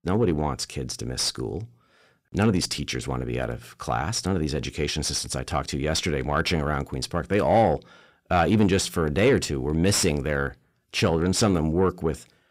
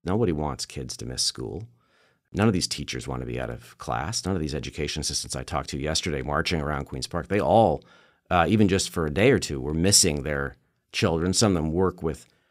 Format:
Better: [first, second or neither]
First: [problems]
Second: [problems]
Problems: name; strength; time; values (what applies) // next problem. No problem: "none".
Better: second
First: distortion; slight; 10 dB below the speech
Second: none